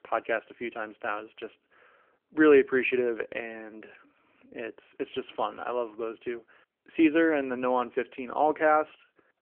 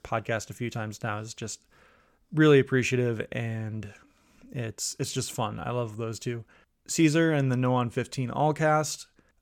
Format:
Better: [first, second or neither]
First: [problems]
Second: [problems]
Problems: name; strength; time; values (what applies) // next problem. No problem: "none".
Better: second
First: phone-call audio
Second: none